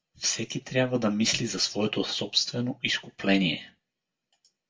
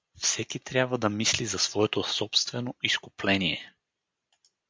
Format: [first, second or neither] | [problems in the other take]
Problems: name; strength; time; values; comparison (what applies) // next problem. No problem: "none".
second | room echo; dies away in 0.1 s